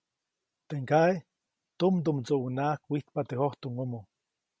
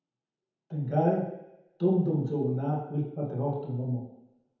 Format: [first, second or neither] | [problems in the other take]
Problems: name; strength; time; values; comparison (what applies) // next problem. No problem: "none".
first | room echo; dies away in 1 s